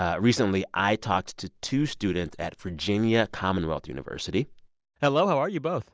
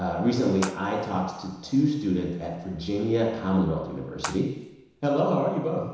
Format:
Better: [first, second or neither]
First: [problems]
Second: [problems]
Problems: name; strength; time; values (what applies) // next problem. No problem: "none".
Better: first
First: none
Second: background sound (Water / Splash, splatter); 15 dB below the speech // room echo; dies away in 1 s